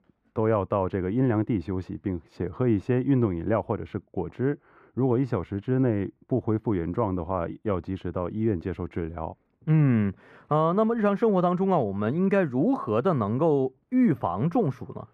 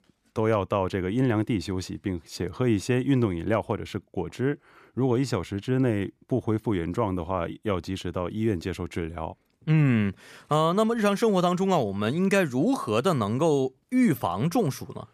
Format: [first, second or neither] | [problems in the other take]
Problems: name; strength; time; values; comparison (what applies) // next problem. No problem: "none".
second | muffled; very; fading above 3 kHz